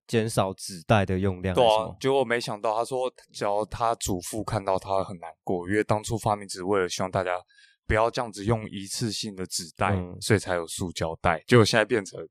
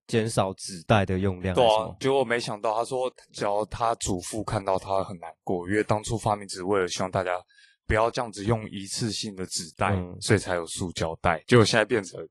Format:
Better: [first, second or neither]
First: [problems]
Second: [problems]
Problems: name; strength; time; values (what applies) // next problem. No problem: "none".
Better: first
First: none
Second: garbled, watery; slightly